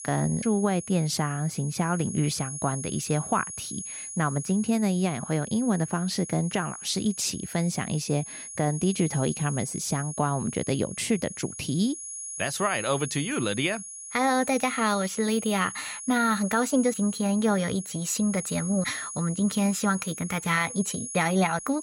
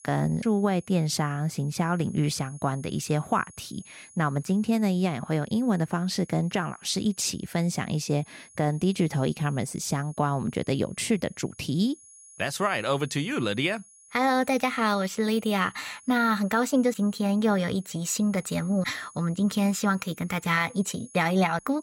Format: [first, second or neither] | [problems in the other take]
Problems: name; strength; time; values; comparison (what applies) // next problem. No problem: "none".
second | high-pitched whine; loud; throughout; 10 kHz, 9 dB below the speech; faint in the second